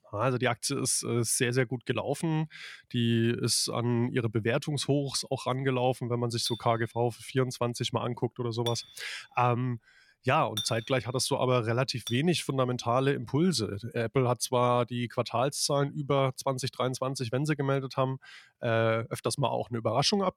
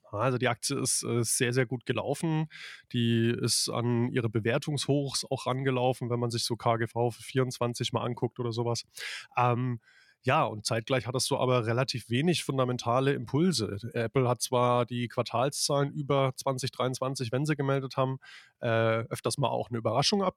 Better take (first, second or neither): second